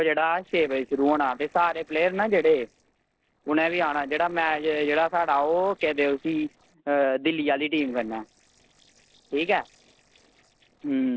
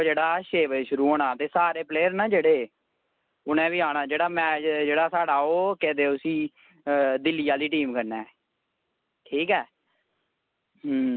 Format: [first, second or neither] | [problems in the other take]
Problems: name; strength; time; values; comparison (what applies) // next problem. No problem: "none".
second | noise reduction (neural separator model SepFormer DNS4)